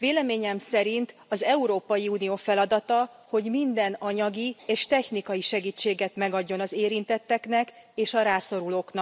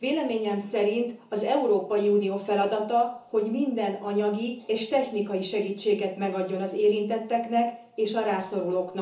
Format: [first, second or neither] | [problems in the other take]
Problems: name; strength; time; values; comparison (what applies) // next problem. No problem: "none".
first | room echo; dies away in 0.8 s